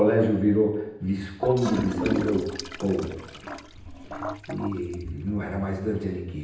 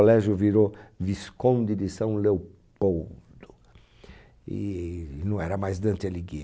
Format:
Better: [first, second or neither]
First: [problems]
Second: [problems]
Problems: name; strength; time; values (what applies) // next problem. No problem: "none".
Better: second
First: background sound (Toilet flush / Gurgling); 9 dB below the speech // room echo; dies away in 0.9 s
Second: none